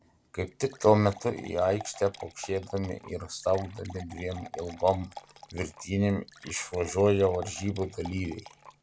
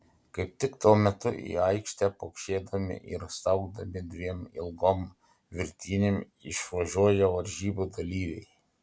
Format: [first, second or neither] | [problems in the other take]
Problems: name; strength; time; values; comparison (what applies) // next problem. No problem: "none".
second | background sound (Fill (with liquid) / Water); 19 dB below the speech